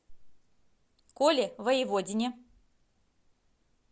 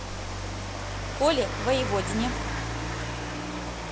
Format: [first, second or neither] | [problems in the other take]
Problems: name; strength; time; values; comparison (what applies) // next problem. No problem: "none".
first | background sound (Rain); 1 dB below the speech